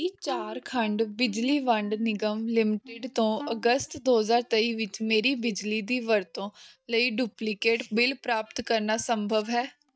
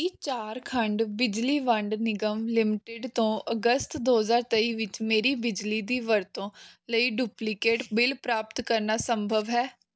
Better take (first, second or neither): second